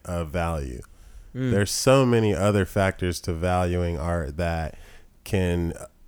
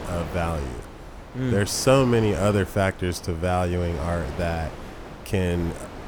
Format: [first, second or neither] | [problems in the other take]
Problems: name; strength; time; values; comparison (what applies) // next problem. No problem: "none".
first | wind noise on the microphone; occasional gusts; 15 dB below the speech